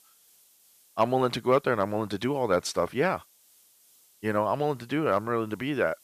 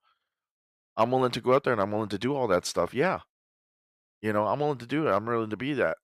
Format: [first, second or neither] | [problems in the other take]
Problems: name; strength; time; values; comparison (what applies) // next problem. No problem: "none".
second | hiss; faint; throughout; 30 dB below the speech